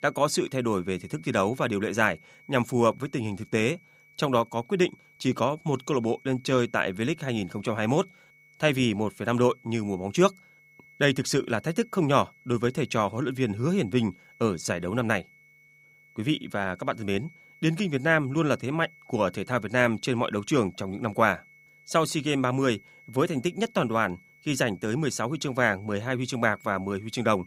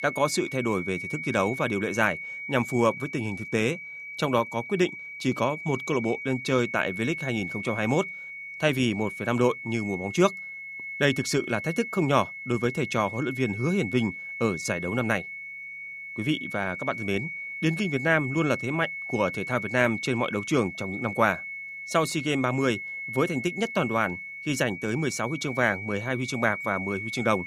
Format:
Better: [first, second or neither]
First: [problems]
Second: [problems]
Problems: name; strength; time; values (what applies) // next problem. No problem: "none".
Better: first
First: high-pitched whine; faint; throughout; 2 kHz, 25 dB below the speech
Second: high-pitched whine; loud; throughout; 2 kHz, 7 dB below the speech